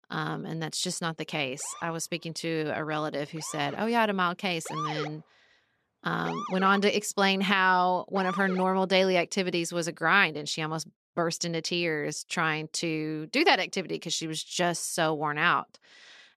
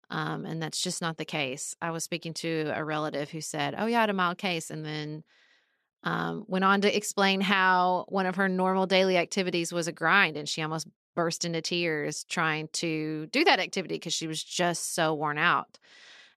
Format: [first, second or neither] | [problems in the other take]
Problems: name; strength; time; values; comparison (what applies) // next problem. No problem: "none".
second | siren; noticeable; from 1.5 to 8.5 s; peak 6 dB below the speech